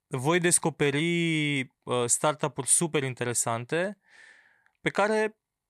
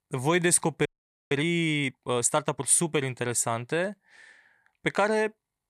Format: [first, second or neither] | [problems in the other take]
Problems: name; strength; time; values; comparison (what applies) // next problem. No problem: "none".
first | audio freezing; at 1 s